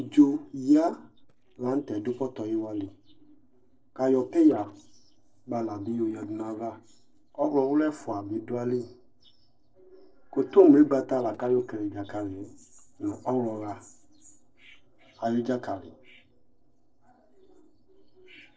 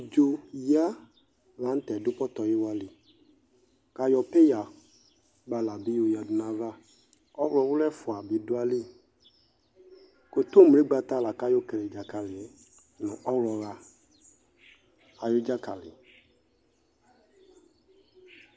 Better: second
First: noise reduction (neural separator model SepFormer DNS4)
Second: none

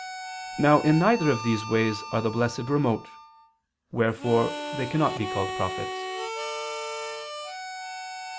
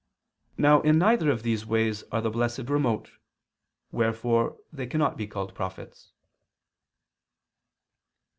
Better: second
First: background sound (Harmonica); 8 dB below the speech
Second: none

